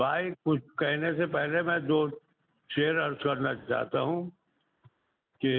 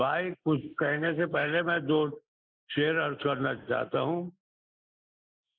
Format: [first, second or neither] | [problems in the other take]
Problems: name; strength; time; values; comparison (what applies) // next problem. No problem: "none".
first | noise reduction (neural mask model Resemble Enhance denoiser)